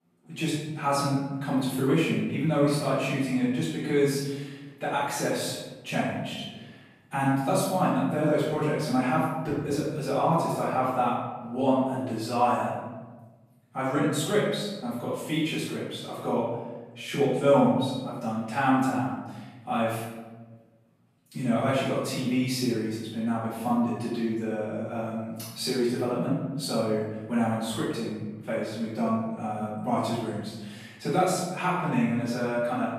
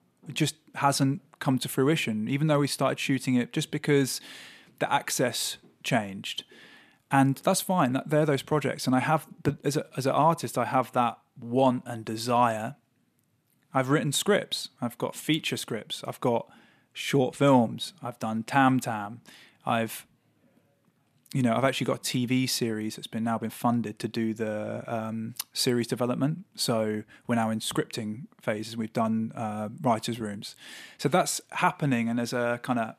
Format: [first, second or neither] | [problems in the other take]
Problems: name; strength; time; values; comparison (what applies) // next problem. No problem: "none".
second | off-mic speech; far // room echo; strong; dies away in 1.2 s